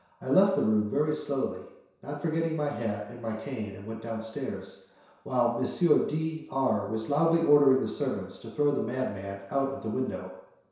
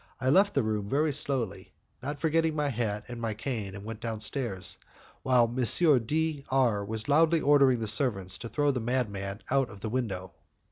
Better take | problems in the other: second | room echo; dies away in 0.7 s

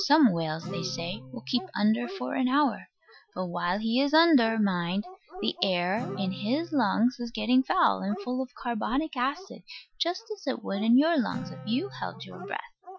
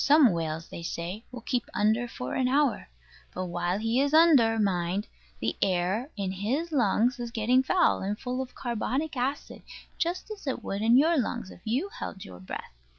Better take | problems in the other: second | noise reduction (classical method Wiener filter)

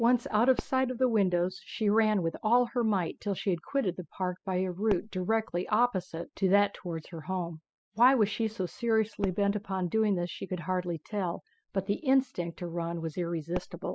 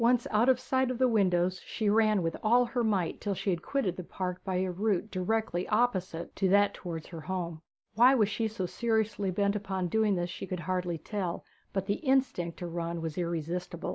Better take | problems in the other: second | noise reduction (classical method spectral subtraction)

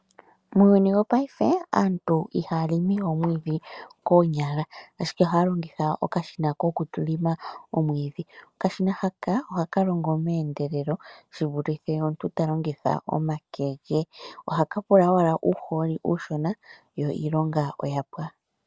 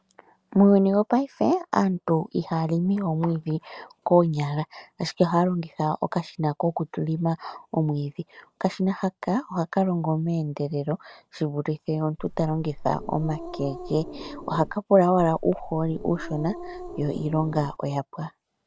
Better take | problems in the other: first | background sound (Growling); 12 dB below the speech

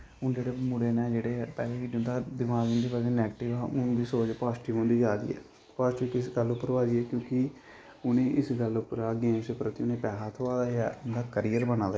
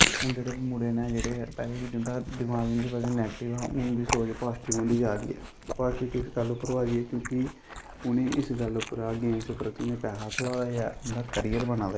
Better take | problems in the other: first | noise reduction (neural mask model Resemble Enhance denoiser)

